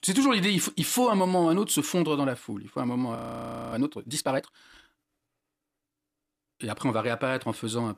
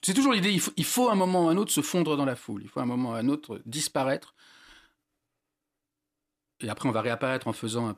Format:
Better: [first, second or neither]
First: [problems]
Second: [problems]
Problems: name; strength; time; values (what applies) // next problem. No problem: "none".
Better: second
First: audio freezing; at 3 s for 0.5 s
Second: none